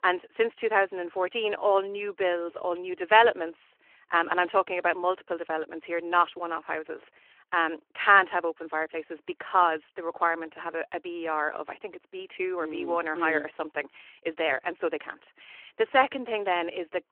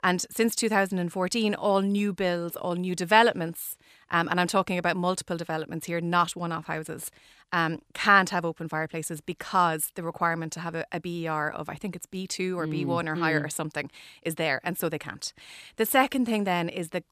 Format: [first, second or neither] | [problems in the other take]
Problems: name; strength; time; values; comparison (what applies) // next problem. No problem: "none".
second | phone-call audio